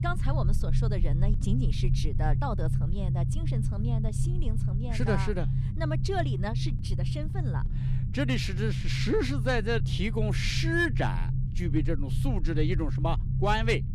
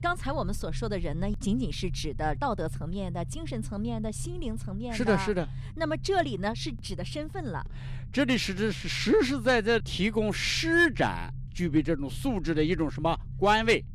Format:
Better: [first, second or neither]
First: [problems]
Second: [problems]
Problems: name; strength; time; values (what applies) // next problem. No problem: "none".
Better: second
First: low rumble; loud; throughout; 9 dB below the speech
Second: low rumble; faint; throughout; 25 dB below the speech